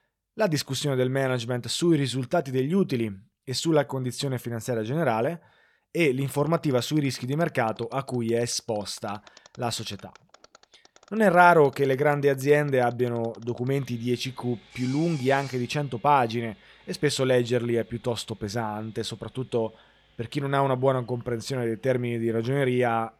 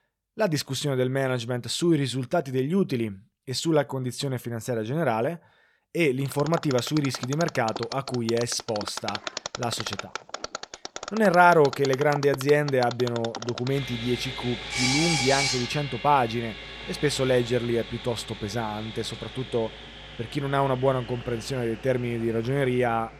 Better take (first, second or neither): first